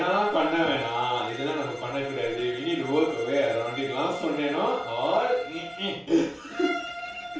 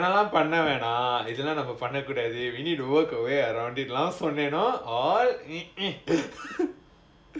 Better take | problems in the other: second | background sound (Bowed string instrument); 11 dB below the speech // room echo; dies away in 0.4 s

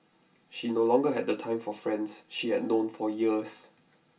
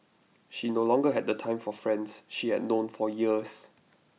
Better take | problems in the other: second | room echo; dies away in 0.2 s

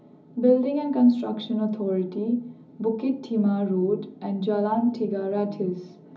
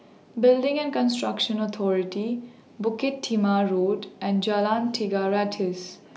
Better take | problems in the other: second | room echo; dies away in 0.4 s

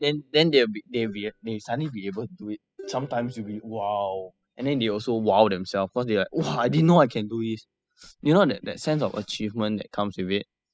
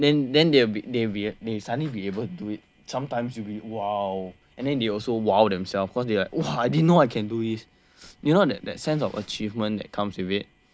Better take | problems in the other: second | noise reduction (classical method spectral subtraction)

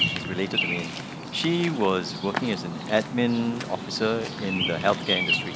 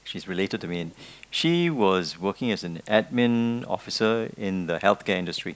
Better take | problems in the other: second | background sound (Bird vocalization, bird call, bird song); 3 dB below the speech

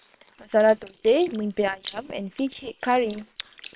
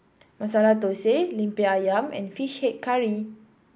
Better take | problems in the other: second | noise reduction (neural separator model SepFormer WHAM!)

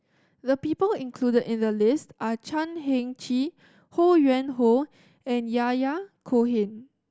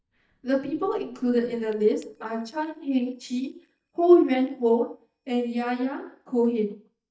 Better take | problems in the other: first | noise reduction (neural mask model DeepFilterNet 3)

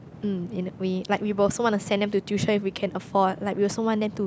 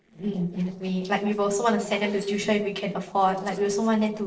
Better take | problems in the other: first | noise reduction (neural separator model SepFormer DNS4)

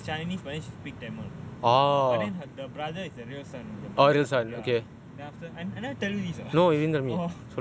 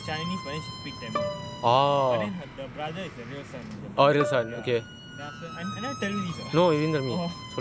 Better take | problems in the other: first | background sound (Squeak + Bowed string instrument); 11 dB below the speech

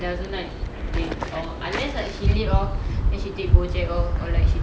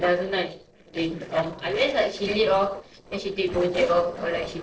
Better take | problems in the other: first | noise reduction (neural separator model SepFormer DNS4)

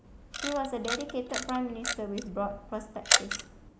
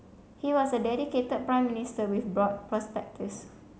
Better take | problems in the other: second | background sound (Camera); 2 dB above the speech

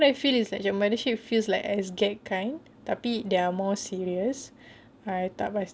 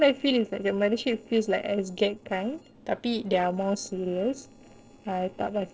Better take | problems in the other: first | noise reduction (neural separator model SepFormer DNS4)

